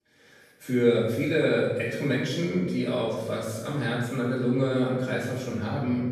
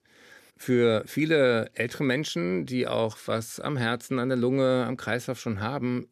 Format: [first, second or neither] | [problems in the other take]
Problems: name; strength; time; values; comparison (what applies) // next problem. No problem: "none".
second | room echo; noticeable; dies away in 1.1 s // off-mic speech; far